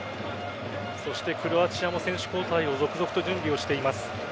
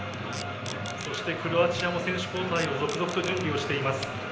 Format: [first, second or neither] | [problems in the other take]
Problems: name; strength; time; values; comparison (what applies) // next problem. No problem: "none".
first | background sound (Packing tape, duct tape); 16 dB below the speech // room echo; dies away in 0.9 s